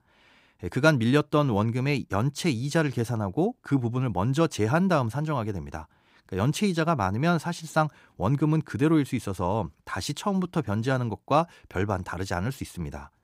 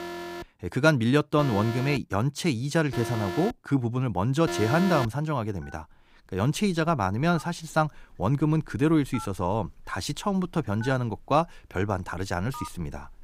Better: first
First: none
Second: alarms or sirens; loud; throughout; 10 dB below the speech

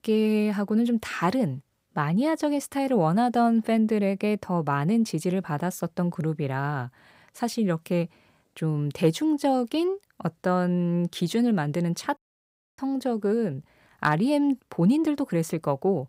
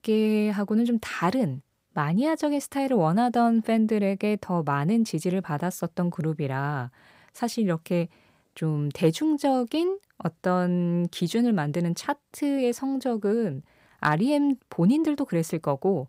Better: second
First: audio cutting out; at 12 s for 0.5 s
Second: none

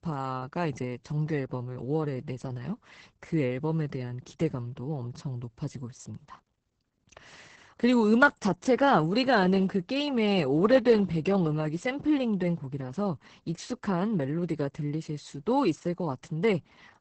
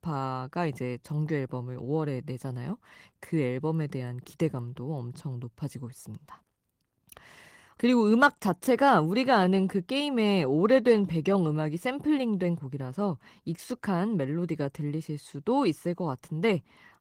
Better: second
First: garbled, watery; badly; nothing above 8 kHz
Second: garbled, watery; slightly; nothing above 16 kHz

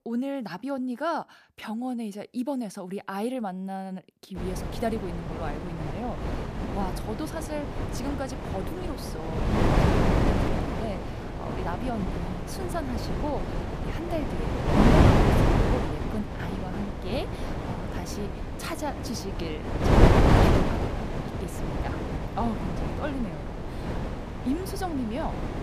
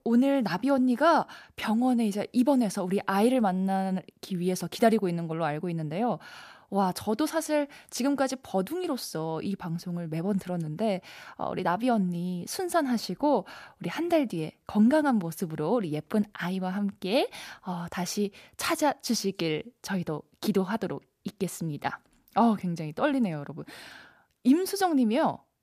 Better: second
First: wind noise on the microphone; heavy; from 4.5 s on; 4 dB above the speech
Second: none

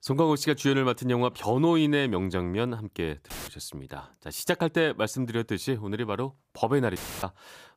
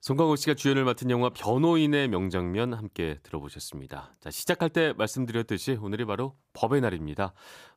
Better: second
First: audio cutting out; filled with static; at 3.5 s and at 7 s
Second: none

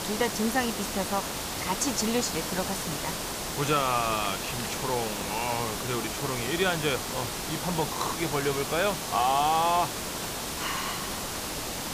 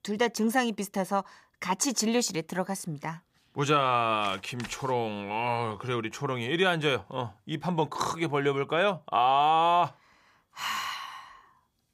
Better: second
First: hiss; loud; throughout; 2 dB below the speech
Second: none

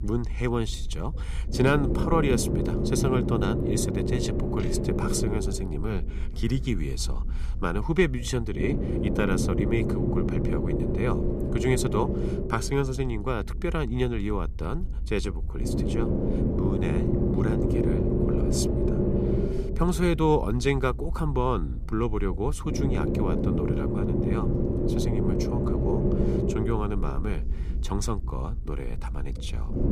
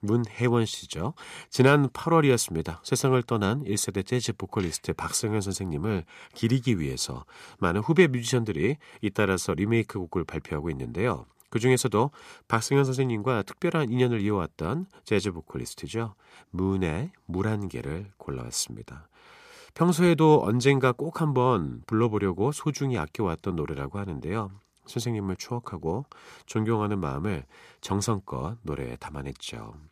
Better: second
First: low rumble; loud; throughout; 1 dB below the speech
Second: none

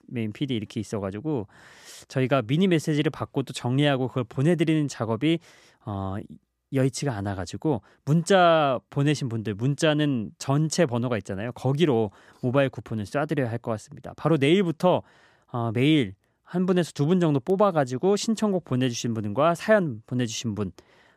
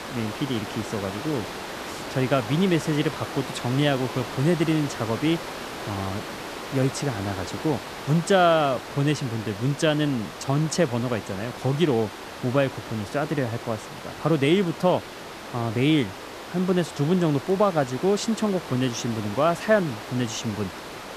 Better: first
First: none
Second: hiss; noticeable; throughout; 10 dB below the speech

